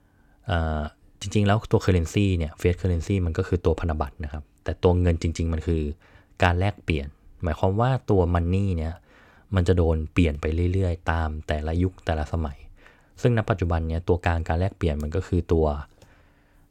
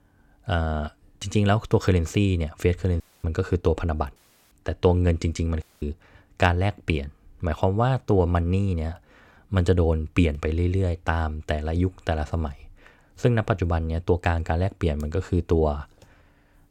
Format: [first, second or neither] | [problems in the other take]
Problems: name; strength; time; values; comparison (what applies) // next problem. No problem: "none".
first | audio cutting out; at 3 s, at 4 s and at 5.5 s